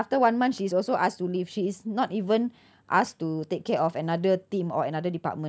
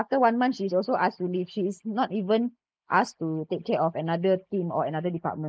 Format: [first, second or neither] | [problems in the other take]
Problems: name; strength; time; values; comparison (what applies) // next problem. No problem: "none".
first | noise reduction (neural mask model Resemble Enhance denoiser)